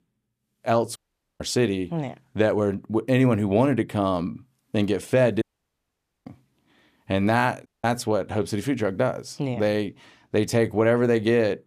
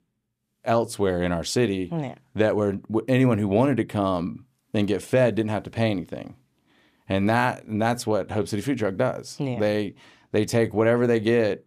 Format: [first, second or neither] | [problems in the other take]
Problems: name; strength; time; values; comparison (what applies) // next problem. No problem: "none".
second | audio cutting out; at 1 s, at 5.5 s for 1 s and at 7.5 s